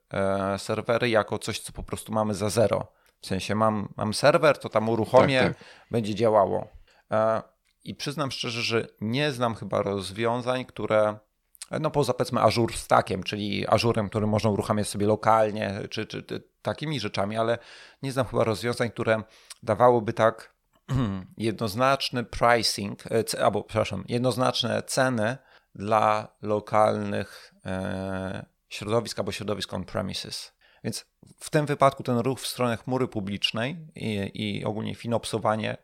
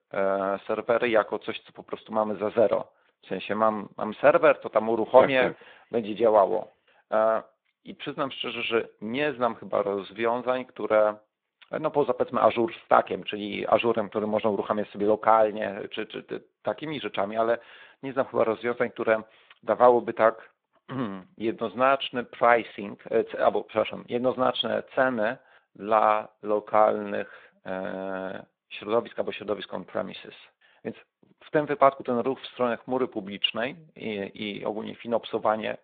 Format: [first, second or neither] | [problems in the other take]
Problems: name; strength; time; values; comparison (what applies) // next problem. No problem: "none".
first | phone-call audio; nothing above 3.5 kHz